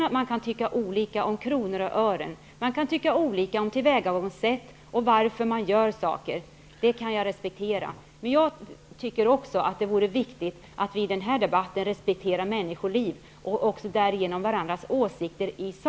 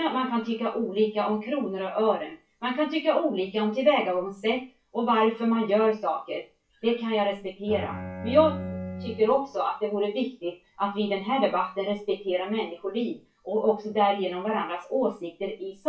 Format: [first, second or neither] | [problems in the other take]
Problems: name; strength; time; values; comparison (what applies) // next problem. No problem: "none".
first | noise reduction (classical method WPE with log-MMSE)